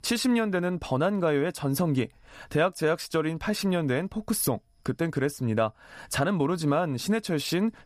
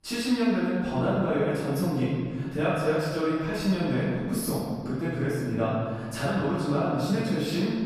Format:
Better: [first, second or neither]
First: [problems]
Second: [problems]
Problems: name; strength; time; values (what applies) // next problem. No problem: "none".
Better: first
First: none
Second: off-mic speech; far // room echo; strong; dies away in 2 s